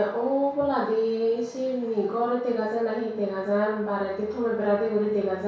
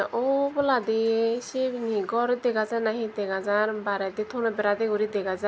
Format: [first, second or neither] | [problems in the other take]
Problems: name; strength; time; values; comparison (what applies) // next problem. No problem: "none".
second | room echo; dies away in 0.6 s